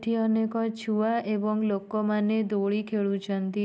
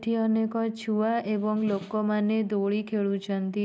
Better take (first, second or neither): first